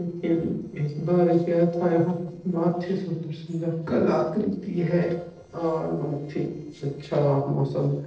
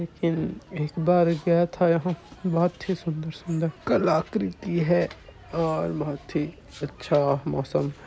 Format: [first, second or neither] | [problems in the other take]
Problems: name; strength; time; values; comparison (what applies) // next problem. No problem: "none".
second | noise reduction (neural separator model SepFormer DNS4)